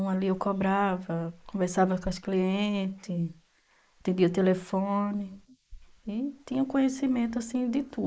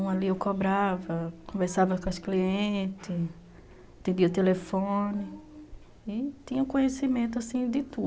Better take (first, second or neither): second